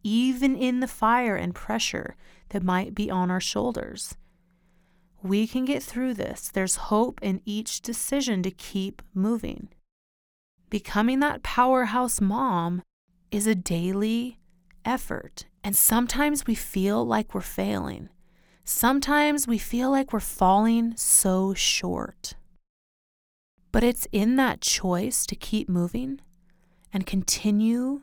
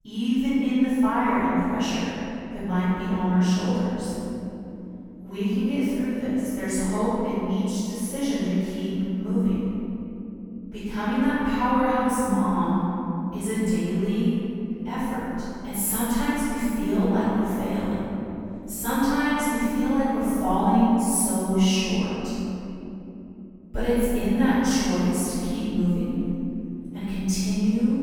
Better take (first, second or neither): first